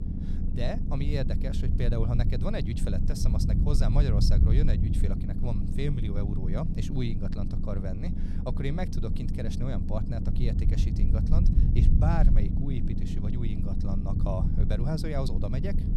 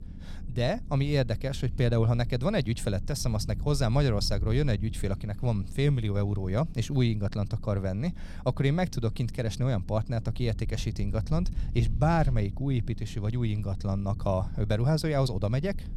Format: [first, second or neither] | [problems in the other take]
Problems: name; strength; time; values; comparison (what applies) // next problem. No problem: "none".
second | low rumble; loud; throughout; 3 dB below the speech; faint in the second